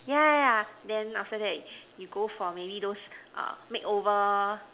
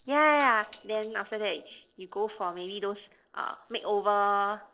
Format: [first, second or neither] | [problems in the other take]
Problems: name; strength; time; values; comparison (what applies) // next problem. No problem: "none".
first | noise reduction (neural separator model SepFormer DNS4)